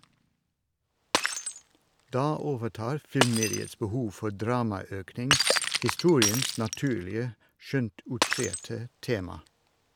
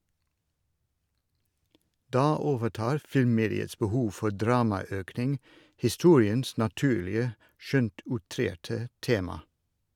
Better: second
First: background sound (Shatter); 2 dB below the speech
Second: none

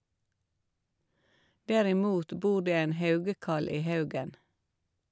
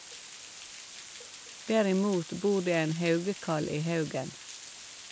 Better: first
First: none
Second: background sound (Water); 14 dB below the speech

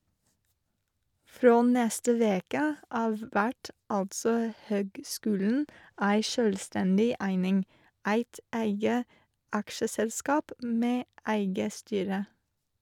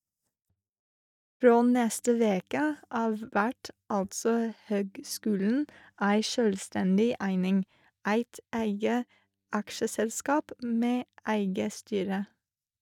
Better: first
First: none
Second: noise reduction (neural mask model DeepFilterNet 3)

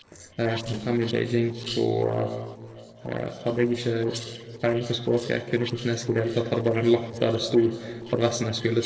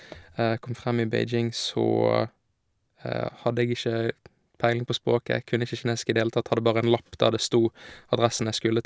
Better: second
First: noise reduction (neural separator model SepFormer DNS4)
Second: none

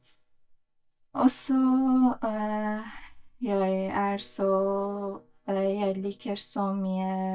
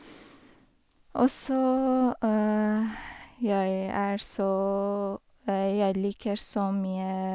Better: second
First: noise reduction (neural mask model DeepFilterNet 3)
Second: none

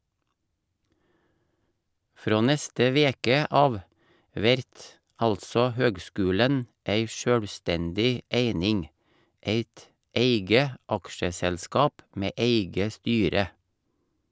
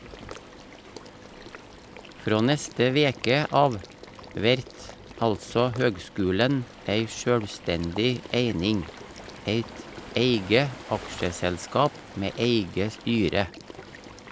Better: first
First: none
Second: background sound (Water / Liquid + Waves, surf); 16 dB below the speech

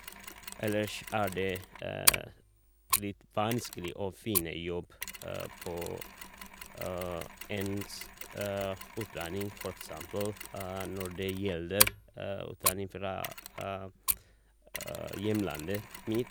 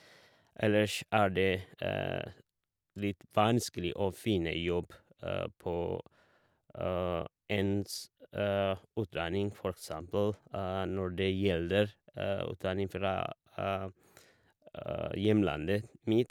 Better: second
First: background sound (Mechanisms); 1 dB below the speech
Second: none

